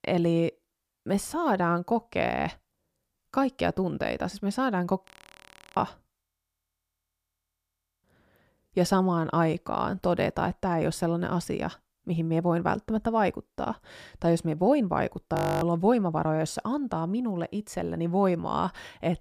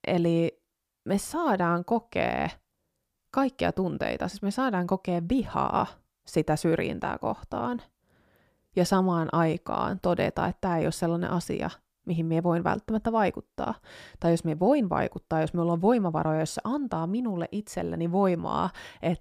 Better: second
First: audio freezing; at 5 s for 0.5 s, at 6 s for 2 s and at 15 s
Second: none

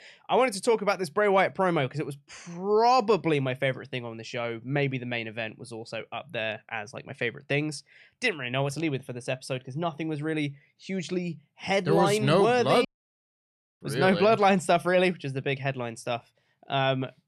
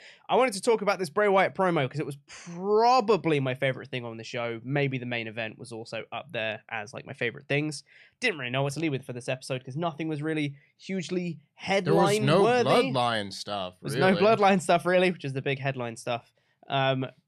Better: second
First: audio cutting out; at 13 s for 1 s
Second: none

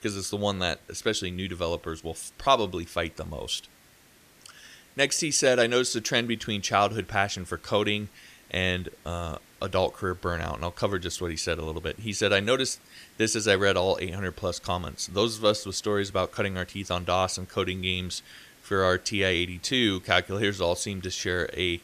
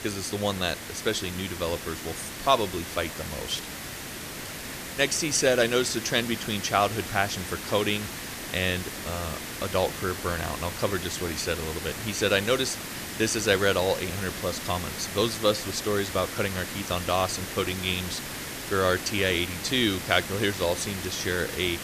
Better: first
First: hiss; faint; throughout; 25 dB below the speech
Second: hiss; loud; throughout; 7 dB below the speech

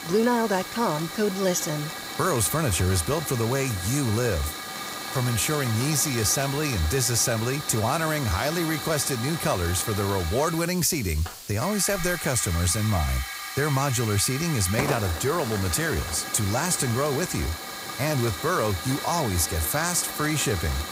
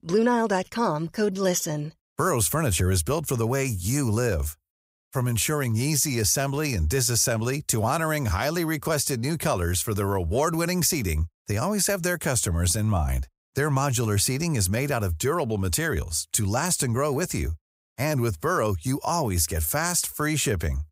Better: second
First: hiss; loud; throughout; 7 dB below the speech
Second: none

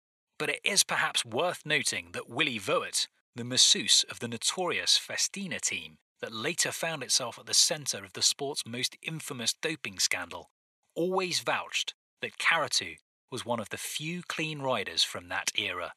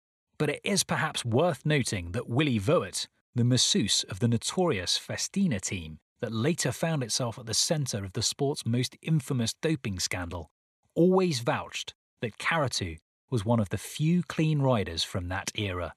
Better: second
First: thin; somewhat; fading below 1 kHz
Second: none

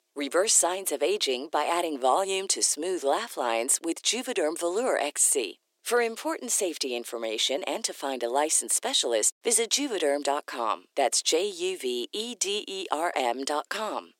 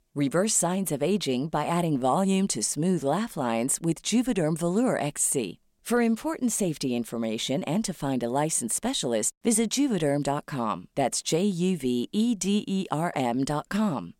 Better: second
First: thin; very; fading below 350 Hz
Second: none

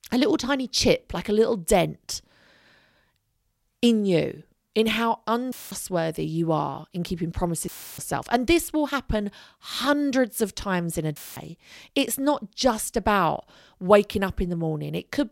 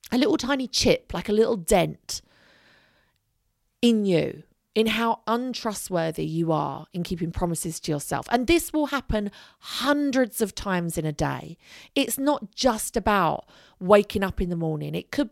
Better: second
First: audio cutting out; filled with static; at 5.5 s, at 7.5 s and at 11 s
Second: none

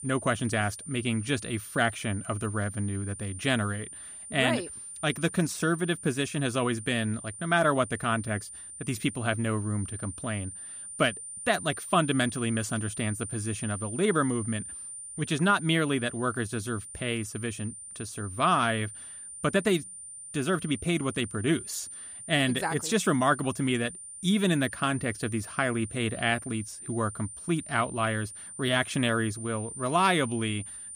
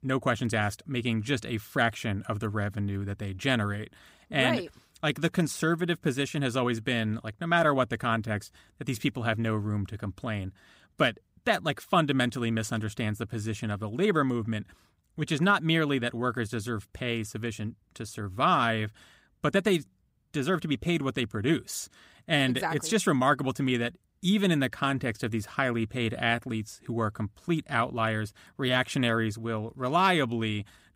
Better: second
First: high-pitched whine; noticeable; throughout; 9 kHz, 10 dB below the speech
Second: none

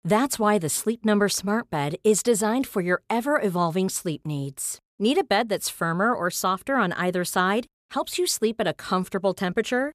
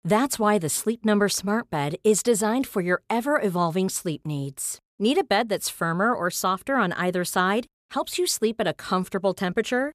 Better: neither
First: none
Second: none

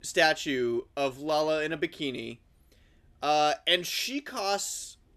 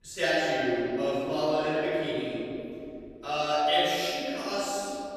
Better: first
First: none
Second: off-mic speech; far // room echo; strong; dies away in 2.7 s

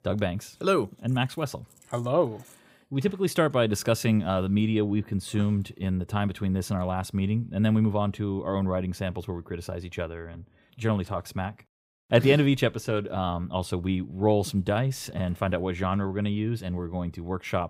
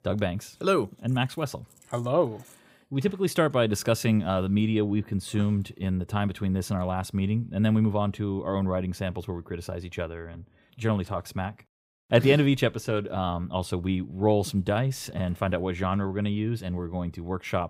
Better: neither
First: none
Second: none

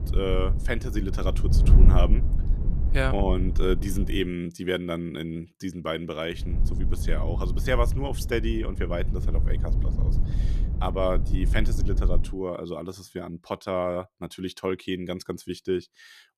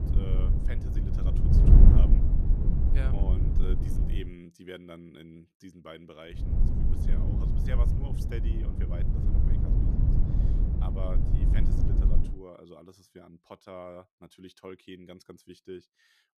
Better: first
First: wind noise on the microphone; occasional gusts; until 4 s and from 6.5 to 12 s; 10 dB below the speech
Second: wind noise on the microphone; heavy; until 4 s and from 6.5 to 12 s; 4 dB above the speech

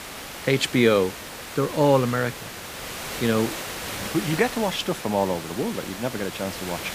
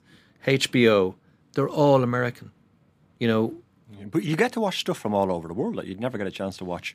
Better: second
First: hiss; loud; throughout; 9 dB below the speech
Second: none

